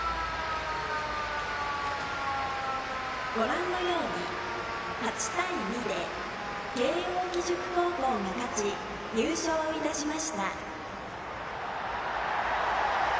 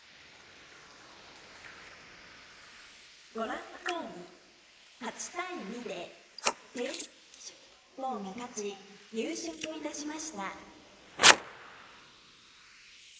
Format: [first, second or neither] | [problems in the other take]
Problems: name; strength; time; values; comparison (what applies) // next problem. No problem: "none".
first | noise reduction (neural mask model Resemble Enhance denoiser)